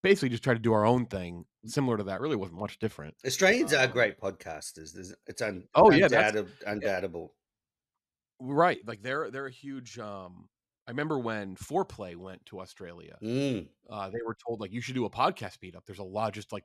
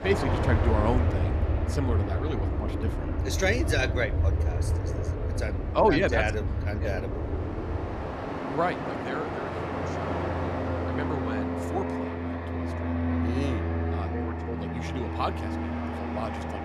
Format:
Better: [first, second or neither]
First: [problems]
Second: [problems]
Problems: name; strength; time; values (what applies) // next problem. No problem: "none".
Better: first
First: none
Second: train or aircraft noise; very loud; throughout; 1 dB above the speech